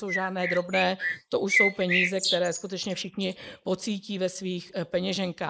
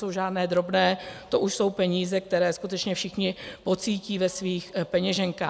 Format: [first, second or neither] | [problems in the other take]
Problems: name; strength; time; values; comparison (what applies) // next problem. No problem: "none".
second | noise reduction (neural mask model Resemble Enhance denoiser)